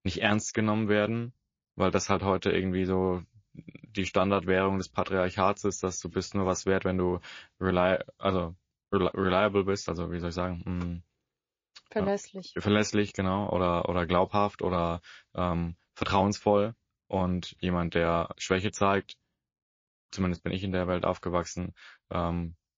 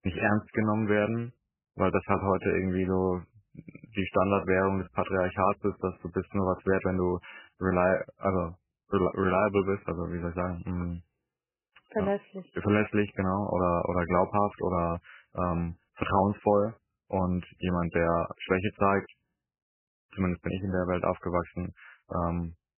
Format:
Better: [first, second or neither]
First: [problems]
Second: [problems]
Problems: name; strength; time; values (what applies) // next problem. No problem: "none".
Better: first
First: garbled, watery; slightly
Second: garbled, watery; badly; nothing above 3 kHz